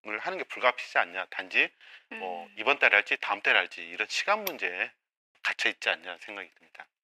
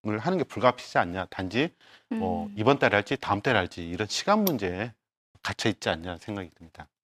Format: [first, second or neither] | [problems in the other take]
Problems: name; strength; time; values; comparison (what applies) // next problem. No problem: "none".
second | thin; very; fading below 550 Hz